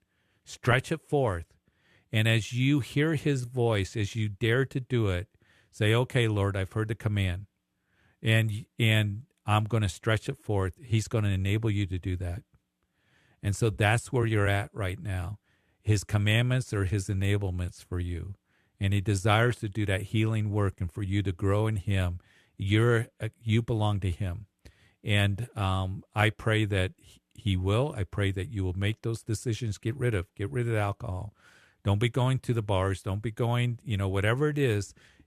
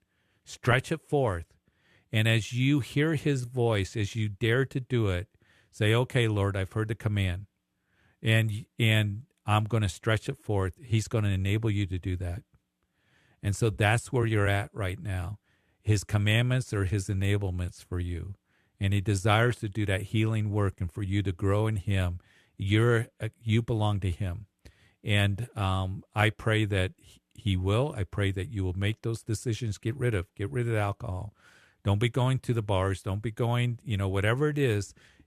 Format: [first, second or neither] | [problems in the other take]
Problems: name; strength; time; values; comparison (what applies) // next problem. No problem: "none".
neither | none